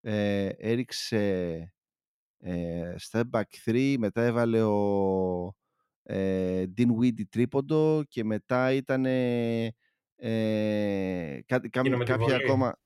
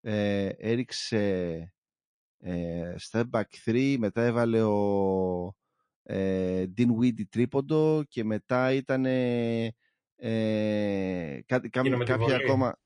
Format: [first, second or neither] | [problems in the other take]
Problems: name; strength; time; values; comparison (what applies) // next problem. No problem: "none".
first | garbled, watery; slightly